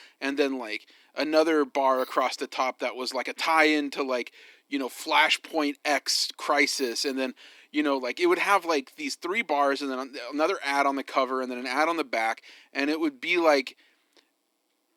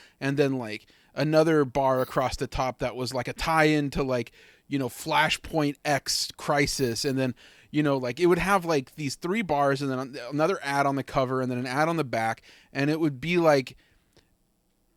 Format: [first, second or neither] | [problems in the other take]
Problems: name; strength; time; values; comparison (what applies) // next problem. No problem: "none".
second | thin; very slightly; fading below 250 Hz